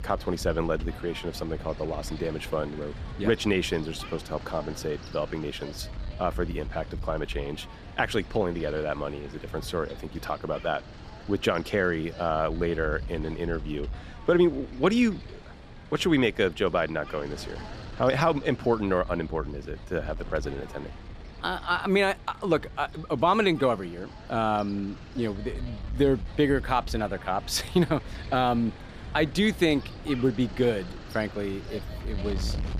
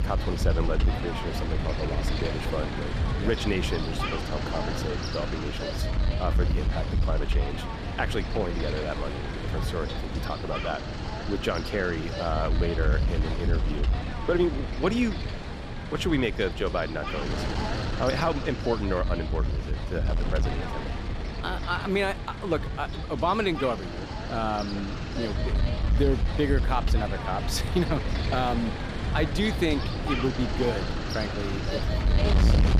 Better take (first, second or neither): first